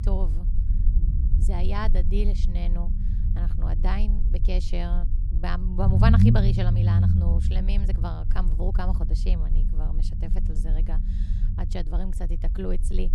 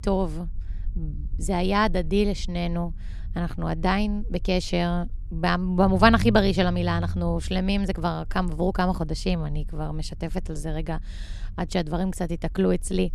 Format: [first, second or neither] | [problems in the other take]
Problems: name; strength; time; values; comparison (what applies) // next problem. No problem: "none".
second | low rumble; loud; throughout; 4 dB below the speech; faint in the second